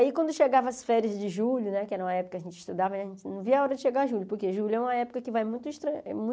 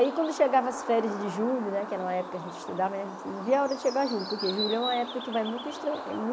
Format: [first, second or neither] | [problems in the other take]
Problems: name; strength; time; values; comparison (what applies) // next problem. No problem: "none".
first | background sound (Bird); 9 dB below the speech